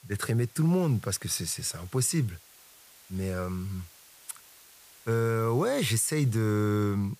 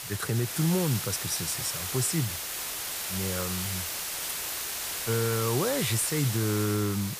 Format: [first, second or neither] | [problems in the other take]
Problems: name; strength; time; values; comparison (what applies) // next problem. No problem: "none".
first | hiss; loud; throughout; 2 dB below the speech; faint in the first